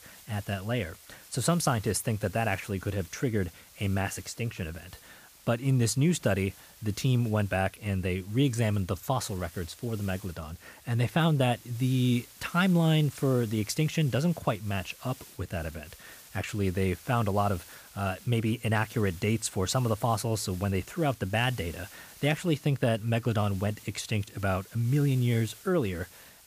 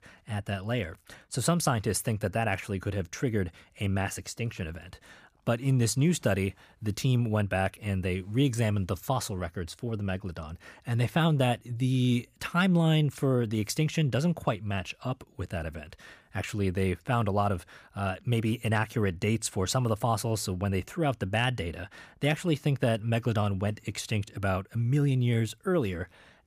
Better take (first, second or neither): second